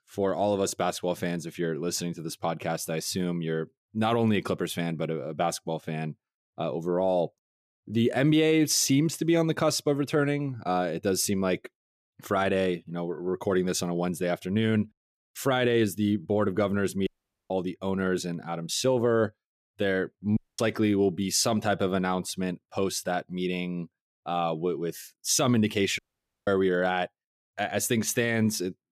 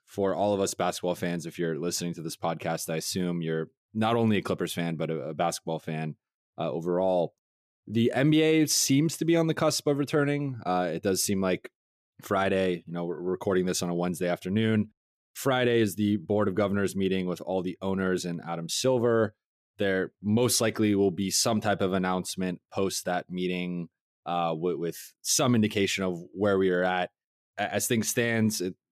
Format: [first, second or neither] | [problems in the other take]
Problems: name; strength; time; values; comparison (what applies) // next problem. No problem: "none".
second | audio cutting out; at 17 s, at 20 s and at 26 s